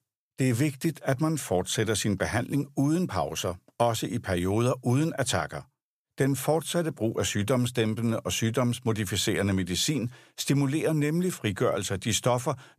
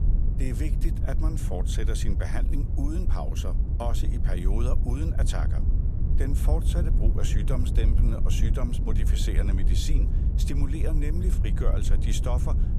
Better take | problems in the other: first | wind noise on the microphone; heavy; 5 dB below the speech

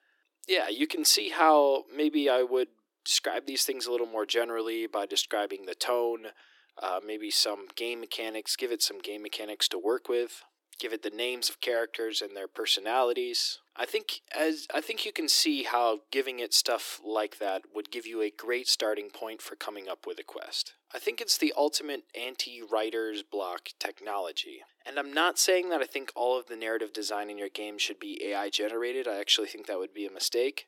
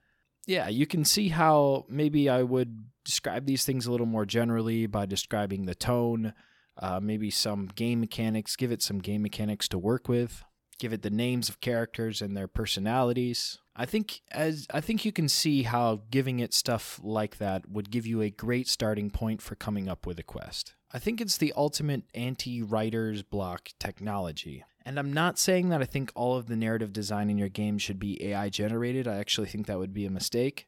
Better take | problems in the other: second | thin; very; fading below 300 Hz

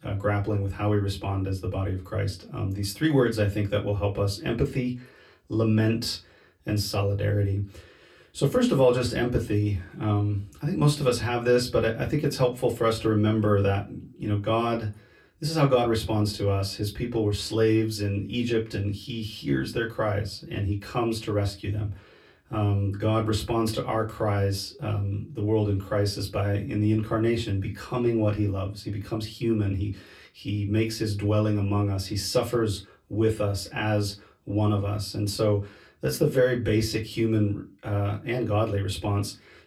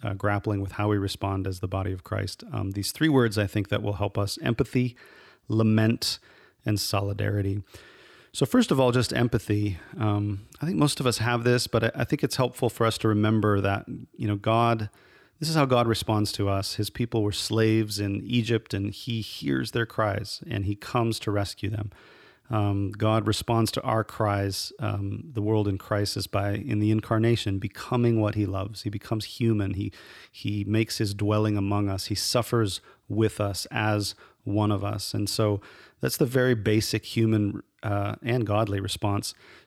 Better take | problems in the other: second | off-mic speech; far // room echo; very slight; dies away in 0.2 s

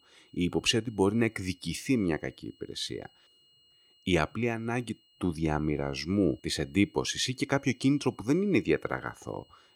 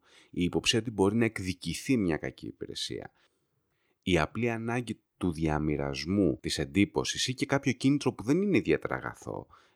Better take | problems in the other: second | high-pitched whine; faint; throughout; 3 kHz, 30 dB below the speech

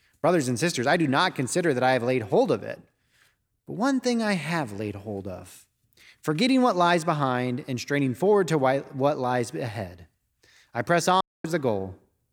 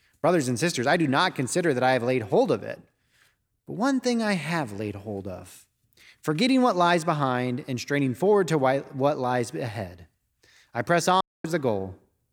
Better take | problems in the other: neither | audio cutting out; at 11 s; the same in both

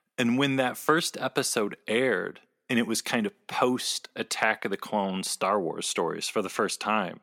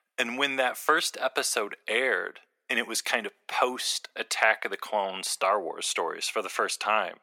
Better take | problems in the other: first | thin; somewhat; fading below 500 Hz

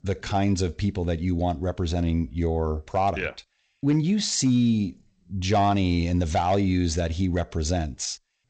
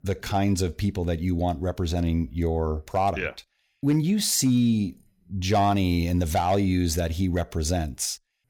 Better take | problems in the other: second | garbled, watery; slightly; nothing above 8 kHz

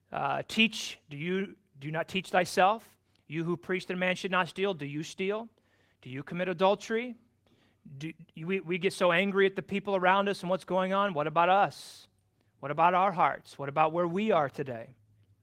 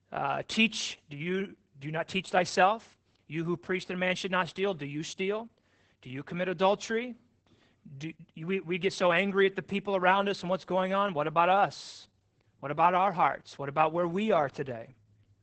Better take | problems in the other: first | garbled, watery; badly; nothing above 8 kHz; slightly in the first

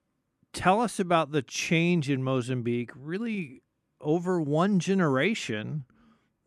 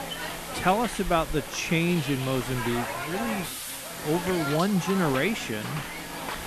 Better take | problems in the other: first | hiss; loud; throughout; 6 dB below the speech

